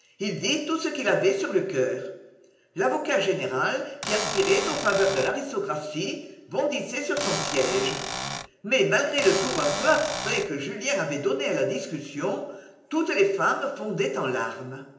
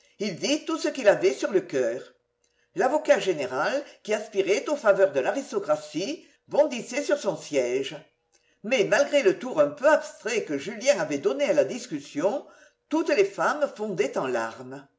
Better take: second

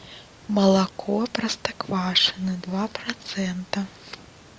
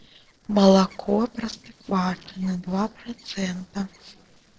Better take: first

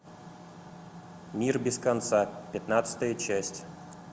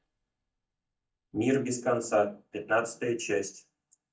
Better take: first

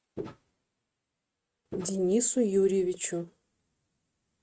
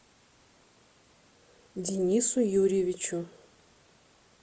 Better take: second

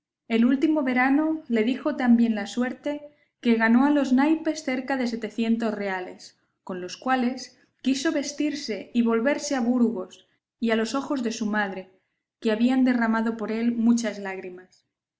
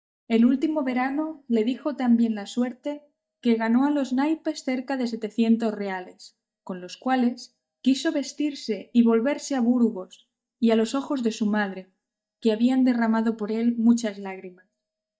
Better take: first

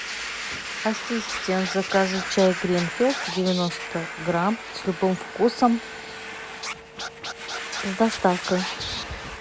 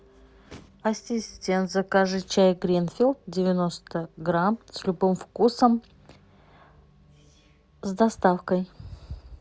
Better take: second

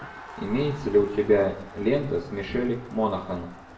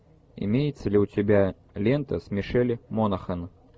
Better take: second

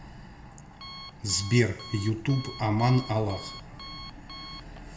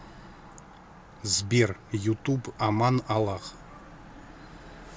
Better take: second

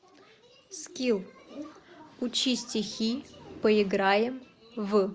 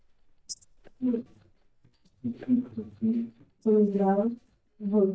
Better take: first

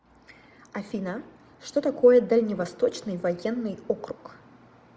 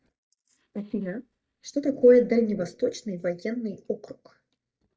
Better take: first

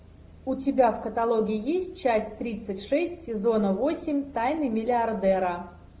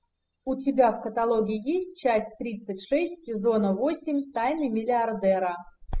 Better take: first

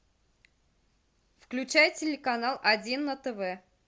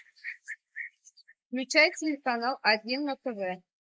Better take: first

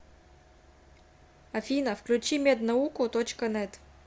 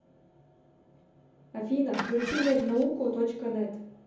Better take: first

